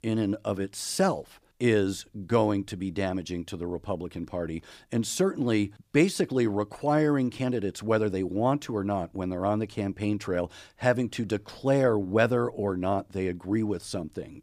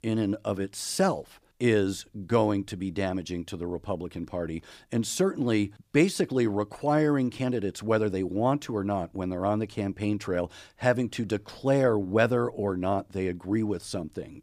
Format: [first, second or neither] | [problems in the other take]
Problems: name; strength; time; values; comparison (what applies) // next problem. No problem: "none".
neither | none